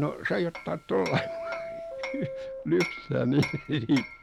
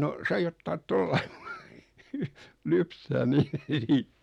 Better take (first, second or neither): second